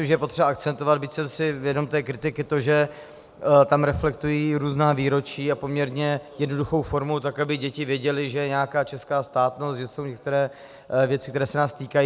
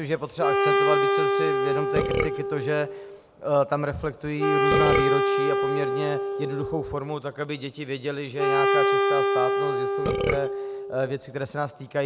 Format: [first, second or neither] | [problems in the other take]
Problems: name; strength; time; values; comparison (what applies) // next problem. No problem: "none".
first | background sound (Burping, eructation + Wind instrument, woodwind instrument); 4 dB above the speech